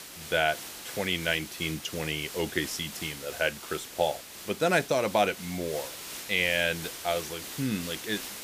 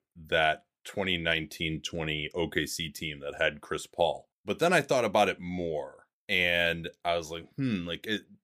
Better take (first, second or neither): second